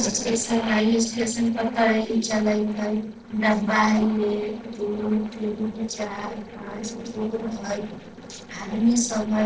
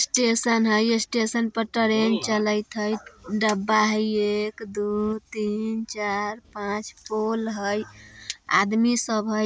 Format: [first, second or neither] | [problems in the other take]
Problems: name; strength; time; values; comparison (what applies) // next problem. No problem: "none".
second | noise reduction (neural separator model SepFormer DNS4)